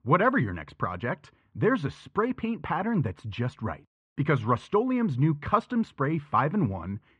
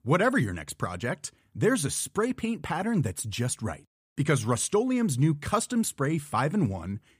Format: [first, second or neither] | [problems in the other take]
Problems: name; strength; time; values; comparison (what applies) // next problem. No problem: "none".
second | muffled; very; fading above 2.5 kHz